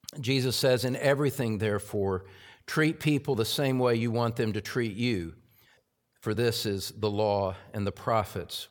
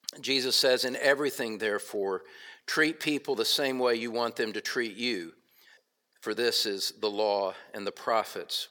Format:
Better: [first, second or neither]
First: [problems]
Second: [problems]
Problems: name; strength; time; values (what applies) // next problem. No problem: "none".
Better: first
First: none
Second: thin; somewhat; fading below 300 Hz